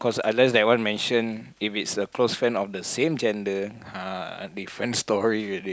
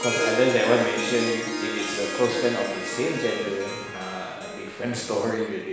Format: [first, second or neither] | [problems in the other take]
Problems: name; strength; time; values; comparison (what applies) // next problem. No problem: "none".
first | background sound (Harp); 5 dB below the speech // room echo; dies away in 1.1 s